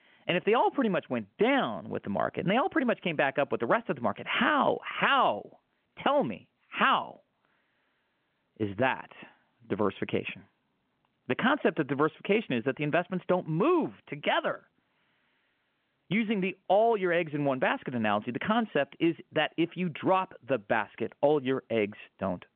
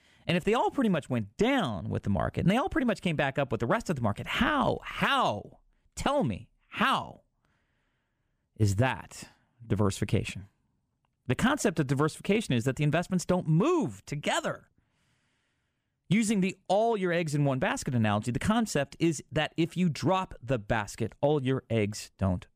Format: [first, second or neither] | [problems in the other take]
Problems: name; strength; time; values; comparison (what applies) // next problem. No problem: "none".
second | phone-call audio; nothing above 3.5 kHz